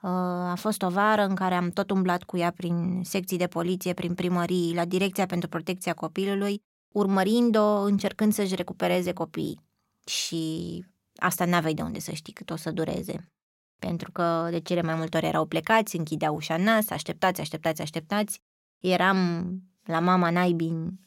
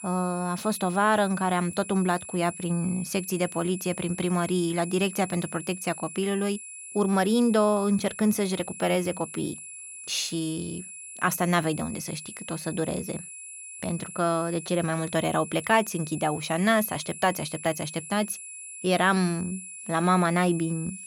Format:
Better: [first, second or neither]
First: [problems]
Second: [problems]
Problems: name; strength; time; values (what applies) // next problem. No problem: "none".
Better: first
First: none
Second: high-pitched whine; noticeable; throughout; 10.5 kHz, 10 dB below the speech